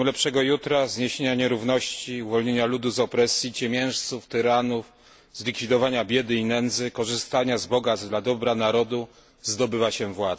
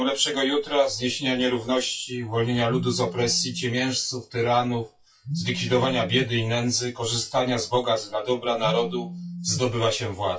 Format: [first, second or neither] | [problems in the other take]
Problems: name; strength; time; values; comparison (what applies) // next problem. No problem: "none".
first | noise reduction (classical method WPE with log-MMSE)